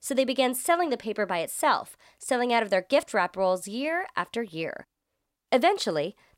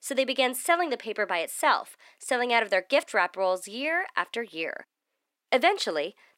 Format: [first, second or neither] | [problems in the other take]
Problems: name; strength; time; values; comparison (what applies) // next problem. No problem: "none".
first | thin; very slightly; fading below 250 Hz